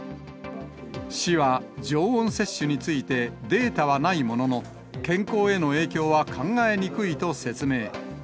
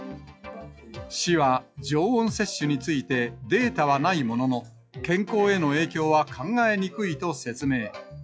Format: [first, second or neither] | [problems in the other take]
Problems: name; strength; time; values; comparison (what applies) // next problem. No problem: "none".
first | noise reduction (classical method log-MMSE)